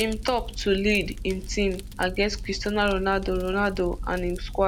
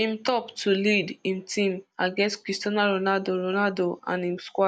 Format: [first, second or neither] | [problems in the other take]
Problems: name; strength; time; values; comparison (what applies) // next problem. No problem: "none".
second | background sound (Fire); 8 dB below the speech